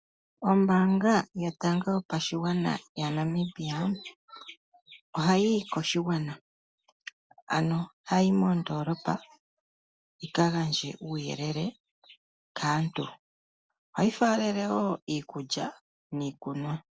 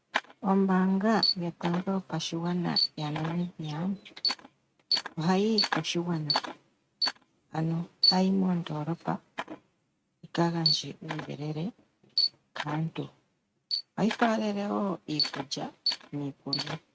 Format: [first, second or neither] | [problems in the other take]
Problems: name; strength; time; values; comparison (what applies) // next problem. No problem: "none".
first | noise reduction (neural mask model RNNoise)